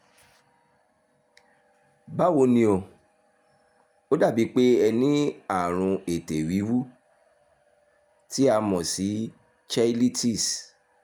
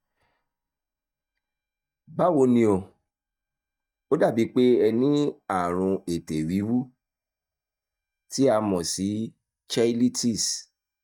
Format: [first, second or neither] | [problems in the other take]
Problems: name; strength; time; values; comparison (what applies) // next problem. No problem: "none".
first | noise reduction (neural mask model DeepFilterNet 3)